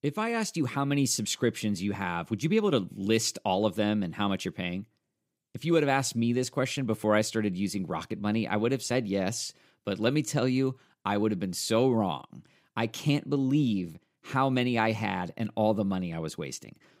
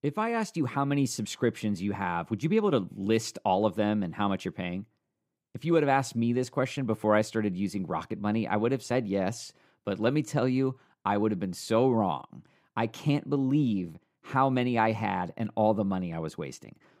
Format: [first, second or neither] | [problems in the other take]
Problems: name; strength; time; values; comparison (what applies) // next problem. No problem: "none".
first | muffled; slightly; fading above 2.5 kHz